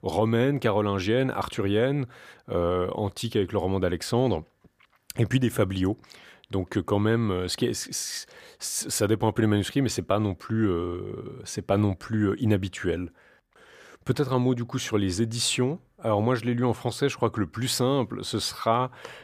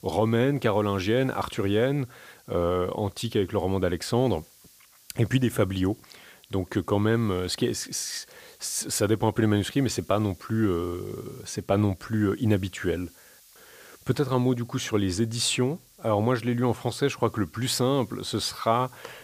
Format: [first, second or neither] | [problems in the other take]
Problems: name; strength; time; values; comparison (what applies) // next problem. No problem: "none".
first | hiss; faint; throughout; 25 dB below the speech